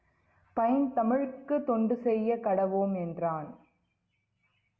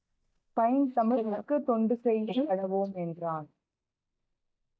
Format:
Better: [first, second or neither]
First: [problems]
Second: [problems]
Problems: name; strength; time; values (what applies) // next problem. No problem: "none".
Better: first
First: none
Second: noise reduction (neural mask model DeepFilterNet 3)